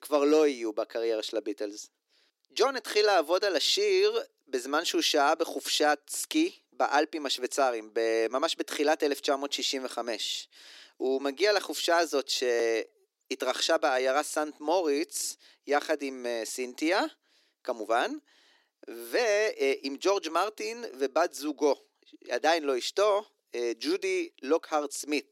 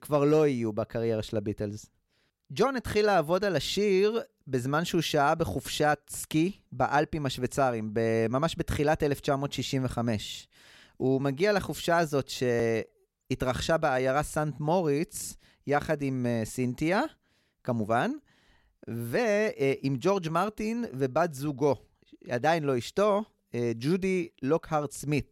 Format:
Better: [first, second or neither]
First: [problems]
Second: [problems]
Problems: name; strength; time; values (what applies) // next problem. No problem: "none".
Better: second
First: thin; somewhat; fading below 300 Hz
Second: none